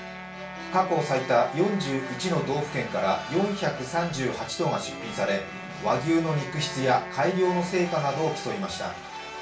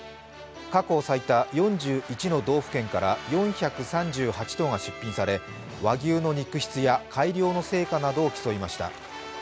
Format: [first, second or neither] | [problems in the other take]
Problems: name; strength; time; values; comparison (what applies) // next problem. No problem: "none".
second | background sound (Wind instrument, woodwind instrument); 14 dB below the speech // room echo; dies away in 0.3 s